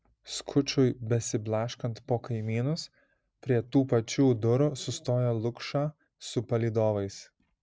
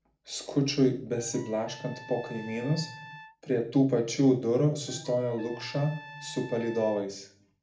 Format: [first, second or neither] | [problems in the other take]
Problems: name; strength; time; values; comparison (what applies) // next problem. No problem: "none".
first | background sound (Trumpet); 20 dB below the speech // room echo; dies away in 0.4 s